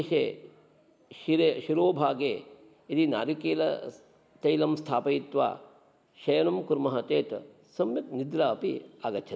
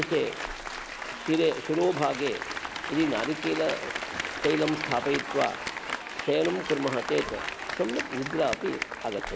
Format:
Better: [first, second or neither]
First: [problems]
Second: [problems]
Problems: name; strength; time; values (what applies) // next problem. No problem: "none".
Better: first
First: none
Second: background sound (Applause + Applause / Cheering); 6 dB below the speech